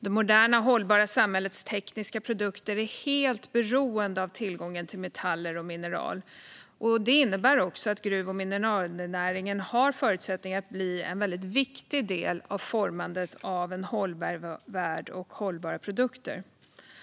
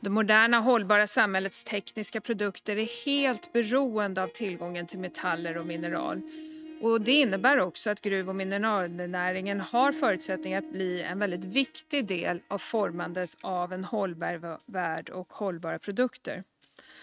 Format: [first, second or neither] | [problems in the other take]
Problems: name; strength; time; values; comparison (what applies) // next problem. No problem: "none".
first | noise reduction (neural mask model RNNoise)